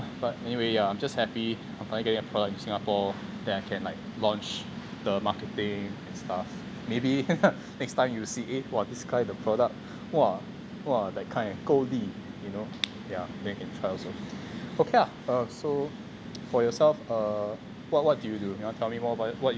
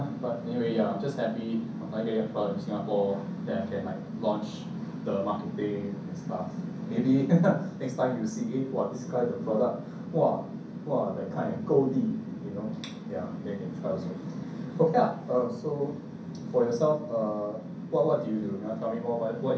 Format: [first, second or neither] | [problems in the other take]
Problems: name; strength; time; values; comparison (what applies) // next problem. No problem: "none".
first | room echo; dies away in 0.6 s